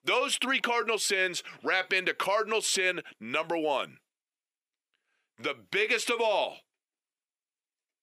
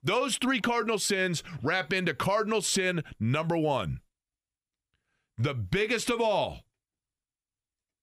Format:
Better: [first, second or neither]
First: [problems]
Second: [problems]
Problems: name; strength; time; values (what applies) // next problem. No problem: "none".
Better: second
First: thin; somewhat; fading below 350 Hz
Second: none